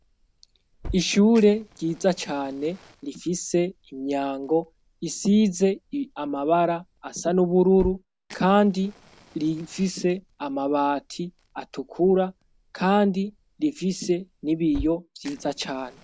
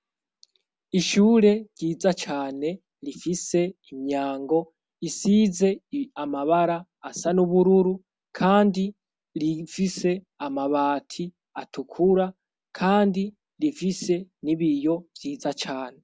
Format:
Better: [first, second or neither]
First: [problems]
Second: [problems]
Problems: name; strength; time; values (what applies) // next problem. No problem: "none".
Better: second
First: background sound (Fire); 20 dB below the speech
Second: none